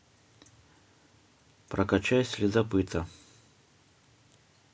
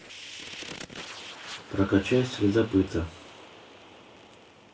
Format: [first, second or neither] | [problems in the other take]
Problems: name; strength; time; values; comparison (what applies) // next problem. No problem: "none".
first | background sound (Fire); 14 dB below the speech // room echo; dies away in 0.2 s